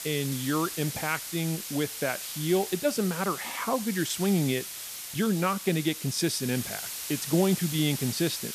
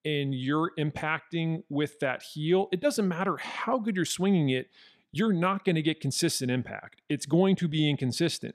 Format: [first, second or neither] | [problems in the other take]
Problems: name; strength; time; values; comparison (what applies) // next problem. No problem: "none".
second | hiss; loud; throughout; 6 dB below the speech